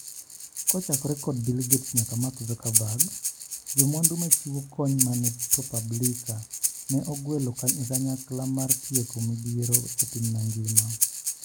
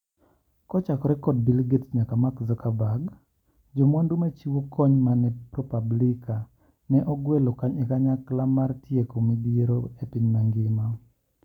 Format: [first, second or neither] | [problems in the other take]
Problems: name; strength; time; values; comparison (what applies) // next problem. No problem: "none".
second | background sound (Breathing); 1 dB above the speech